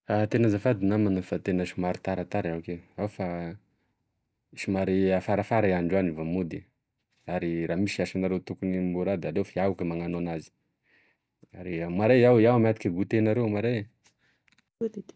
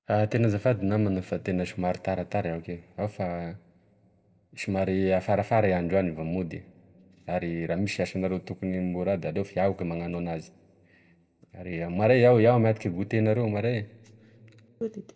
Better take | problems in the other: first | room echo; dies away in 1.3 s

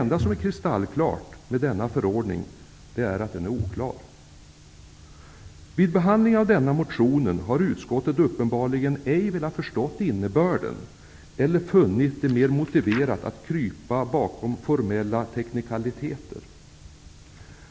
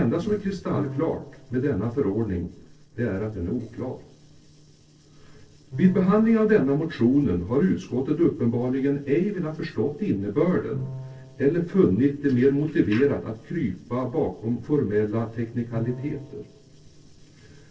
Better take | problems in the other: first | noise reduction (neural separator model SepFormer DNS4)

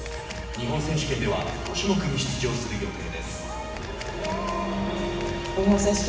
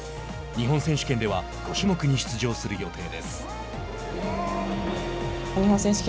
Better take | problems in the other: second | background sound (Camera); 19 dB below the speech // room echo; dies away in 1.2 s

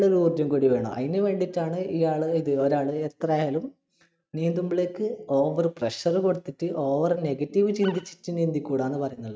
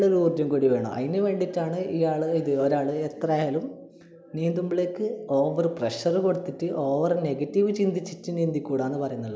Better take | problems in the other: second | noise reduction (neural mask model RNNoise)

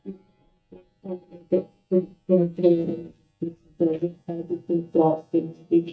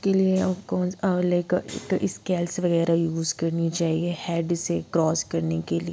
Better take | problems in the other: second | noise reduction (neural mask model DeepFilterNet 3)

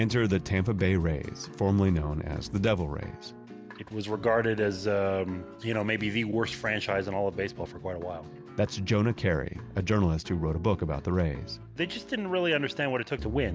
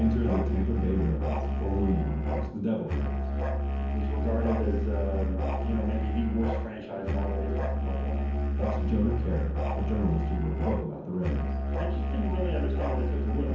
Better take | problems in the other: first | background sound (Musical instrument); 3 dB above the speech // room echo; dies away in 0.9 s

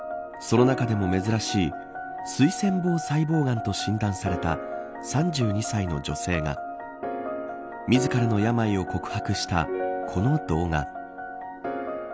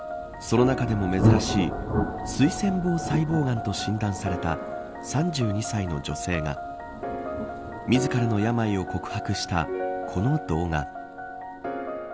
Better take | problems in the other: first | background sound (Thunder); 7 dB below the speech

